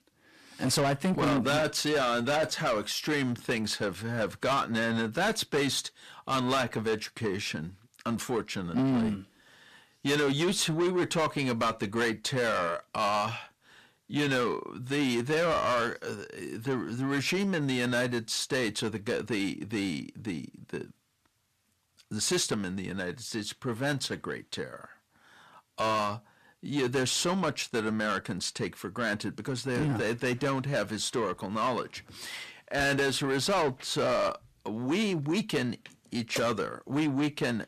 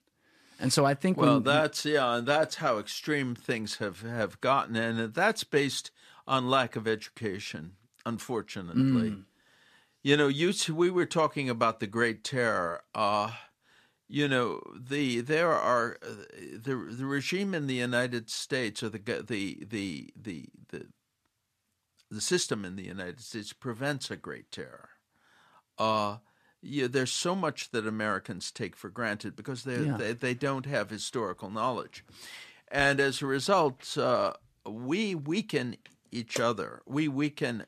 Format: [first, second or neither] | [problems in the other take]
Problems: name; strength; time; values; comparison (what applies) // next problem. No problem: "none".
second | distortion; heavy; 7 dB below the speech